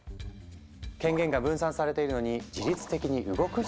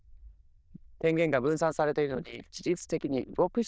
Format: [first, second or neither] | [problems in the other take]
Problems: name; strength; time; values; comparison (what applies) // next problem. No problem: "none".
first | noise reduction (neural diffusion model UNIVERSE++)